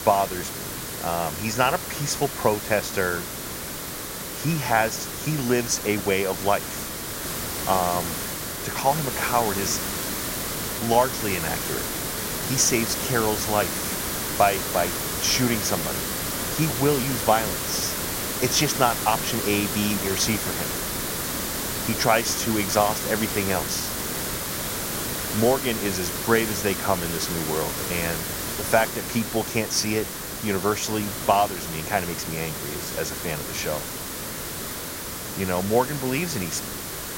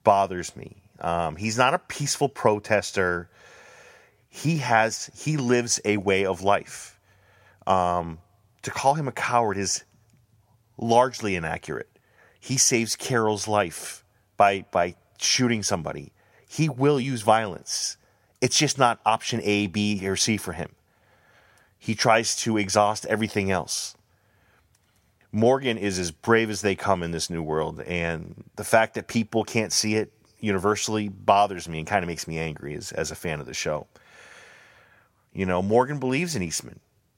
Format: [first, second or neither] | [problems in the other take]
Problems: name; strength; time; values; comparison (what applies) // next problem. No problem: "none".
second | hiss; loud; throughout; 3 dB below the speech